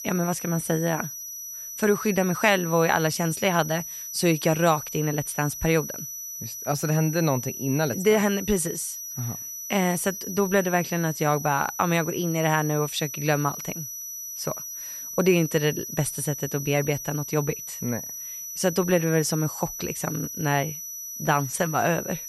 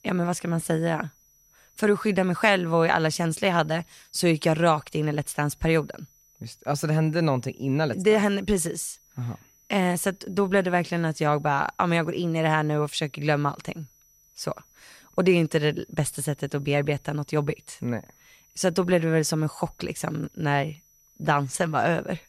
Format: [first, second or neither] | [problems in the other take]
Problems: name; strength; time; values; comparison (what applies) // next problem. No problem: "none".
second | high-pitched whine; loud; throughout; 6 kHz, 8 dB below the speech; faint in the second